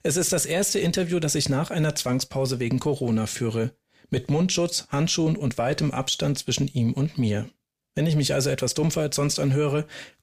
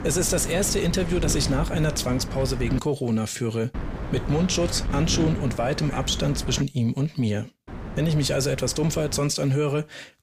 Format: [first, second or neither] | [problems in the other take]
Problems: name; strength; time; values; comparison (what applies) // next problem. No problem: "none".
first | wind noise on the microphone; occasional gusts; until 3 s, from 3.5 to 6.5 s and from 7.5 to 9 s; 10 dB below the speech